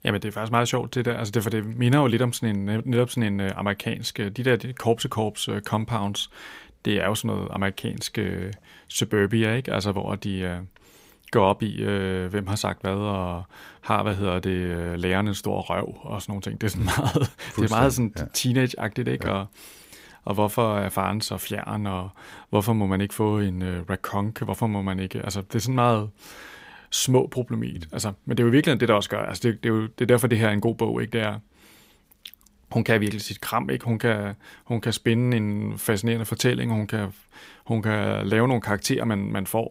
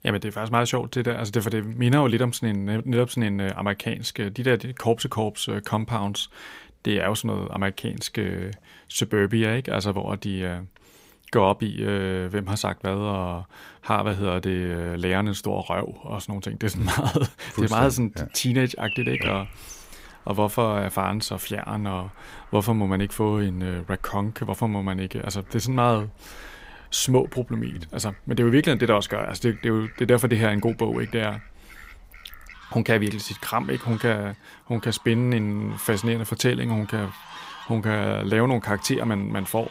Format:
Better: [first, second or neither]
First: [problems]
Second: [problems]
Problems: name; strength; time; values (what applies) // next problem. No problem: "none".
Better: first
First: none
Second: animal sounds; noticeable; from 19 s on; 15 dB below the speech